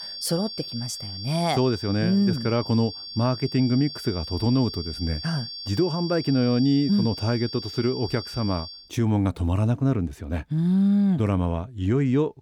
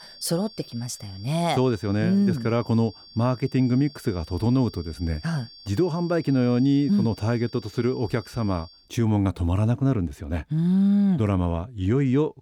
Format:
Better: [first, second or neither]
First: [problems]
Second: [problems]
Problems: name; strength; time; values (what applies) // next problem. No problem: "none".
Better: second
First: high-pitched whine; loud; until 9 s; 4.5 kHz, 9 dB below the speech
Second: high-pitched whine; faint; until 9 s; 4.5 kHz, 20 dB below the speech